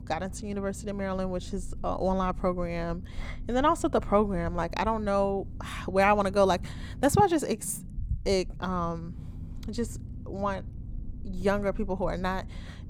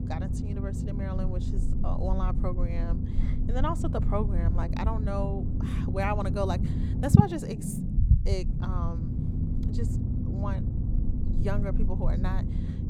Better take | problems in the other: first | low rumble; loud; throughout; 4 dB below the speech; faint in the first

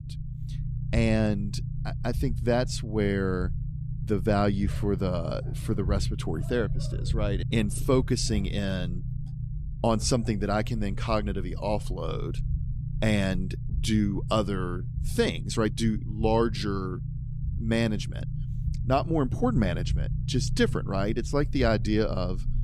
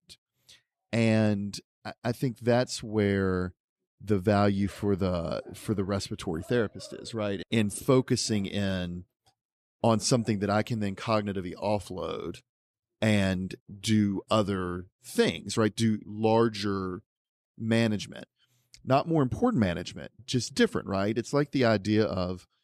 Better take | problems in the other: second | low rumble; noticeable; throughout; 15 dB below the speech

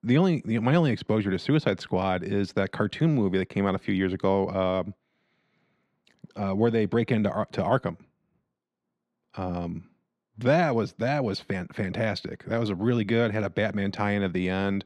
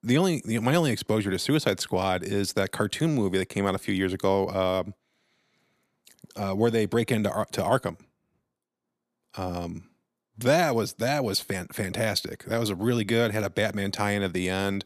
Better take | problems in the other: second | muffled; slightly; fading above 3 kHz

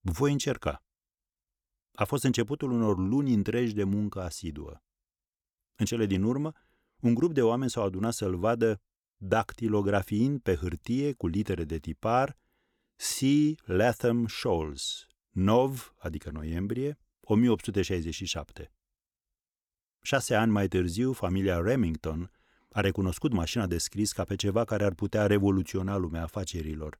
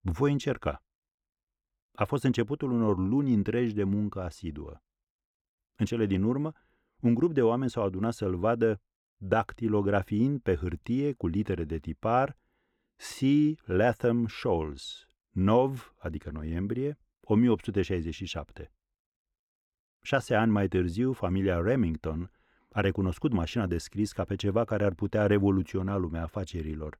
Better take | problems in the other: first | muffled; slightly; fading above 4 kHz

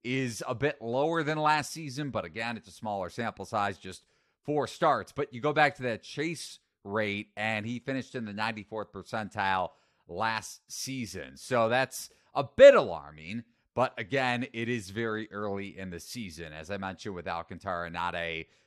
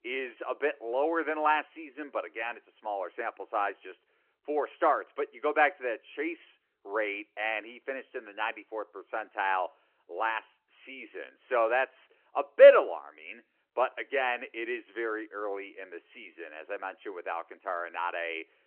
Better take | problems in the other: first | phone-call audio

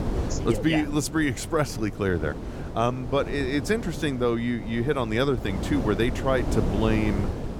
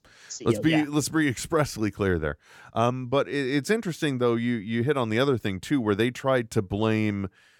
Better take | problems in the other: second | wind noise on the microphone; heavy; 10 dB below the speech

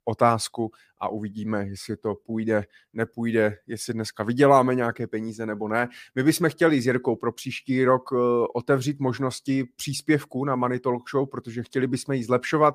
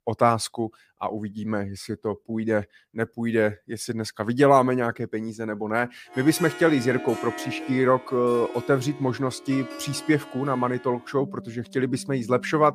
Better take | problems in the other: first | background music; noticeable; from 6 s on; 15 dB below the speech

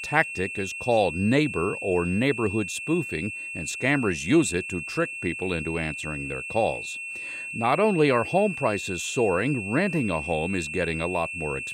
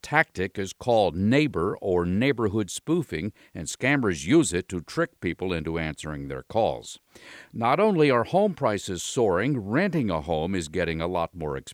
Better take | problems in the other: second | high-pitched whine; loud; throughout; 2.5 kHz, 6 dB below the speech

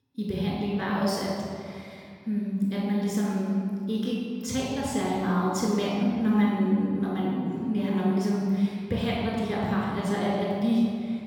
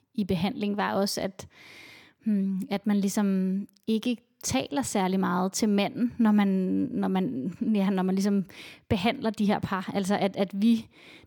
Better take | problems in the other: second | off-mic speech; far // room echo; strong; dies away in 2.1 s

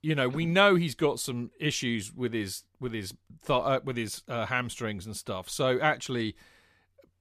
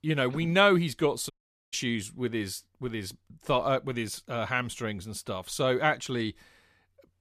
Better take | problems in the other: first | audio cutting out; at 1.5 s

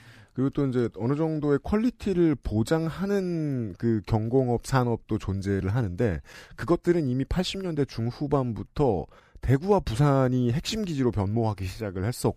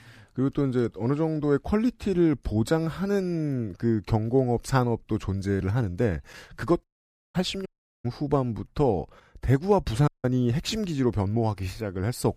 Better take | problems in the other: first | audio cutting out; at 7 s for 0.5 s, at 7.5 s and at 10 s

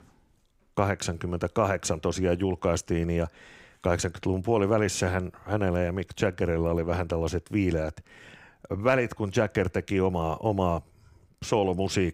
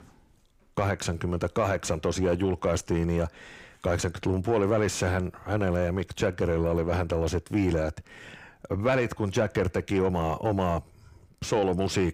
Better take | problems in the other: first | distortion; slight; 10 dB below the speech

